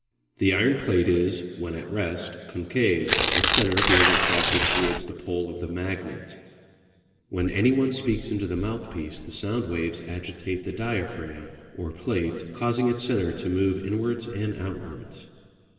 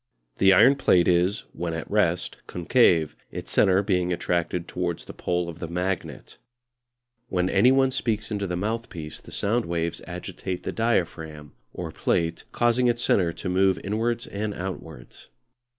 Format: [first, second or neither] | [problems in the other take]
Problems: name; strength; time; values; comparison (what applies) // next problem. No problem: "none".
second | background sound (Tearing); 4 dB above the speech // room echo; dies away in 2.5 s